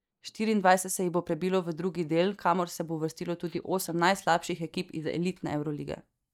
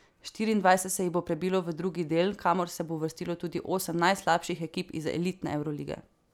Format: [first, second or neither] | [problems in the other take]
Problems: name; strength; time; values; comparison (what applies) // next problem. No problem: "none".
second | noise reduction (neural mask model DeepFilterNet 3)